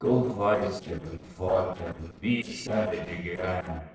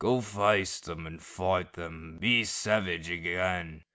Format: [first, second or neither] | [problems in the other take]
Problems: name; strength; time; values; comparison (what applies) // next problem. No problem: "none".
second | noise reduction (neural separator model SepFormer DNS4)